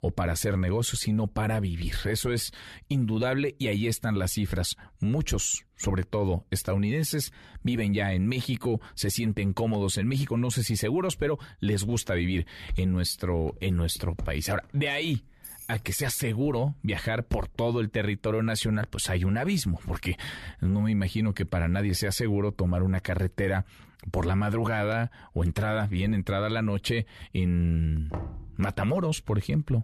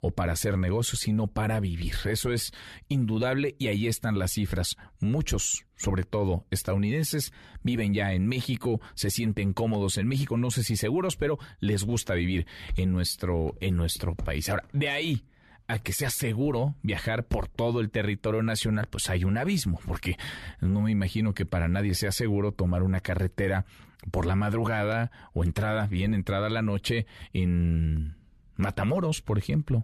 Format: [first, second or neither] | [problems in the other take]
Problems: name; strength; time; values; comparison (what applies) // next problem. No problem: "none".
second | jangling keys; faint; at 15 s; peak 15 dB below the speech // door banging; noticeable; at 28 s; peak 9 dB below the speech